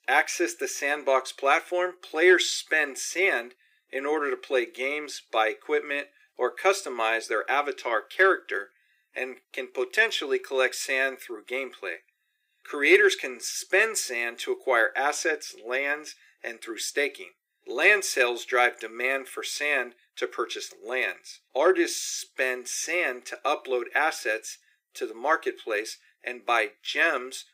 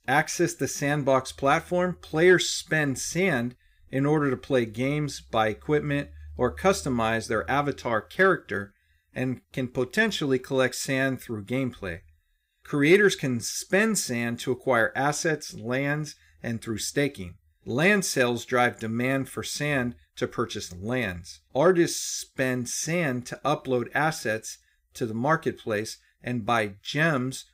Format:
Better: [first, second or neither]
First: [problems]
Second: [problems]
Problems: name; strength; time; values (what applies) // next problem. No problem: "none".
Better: second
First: thin; very; fading below 350 Hz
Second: none